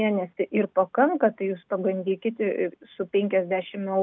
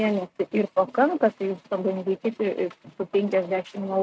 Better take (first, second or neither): first